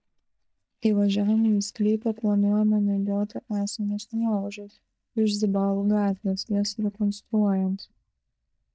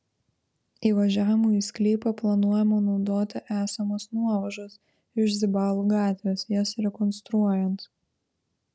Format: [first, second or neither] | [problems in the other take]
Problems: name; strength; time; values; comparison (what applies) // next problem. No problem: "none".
second | noise reduction (neural mask model DeepFilterNet 3)